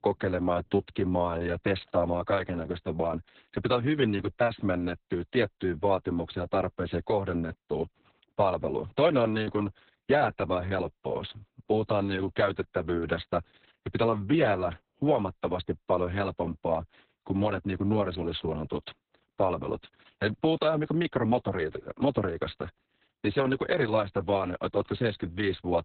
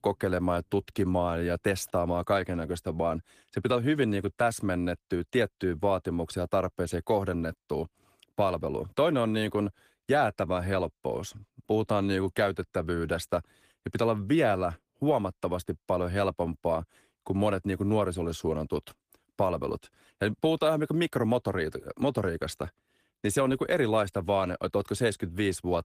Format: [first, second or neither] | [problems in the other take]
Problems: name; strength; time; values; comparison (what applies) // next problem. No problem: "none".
second | garbled, watery; badly; nothing above 4 kHz; slightly in the second